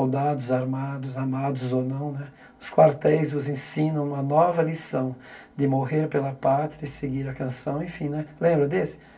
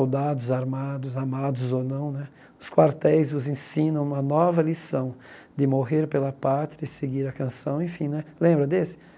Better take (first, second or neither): second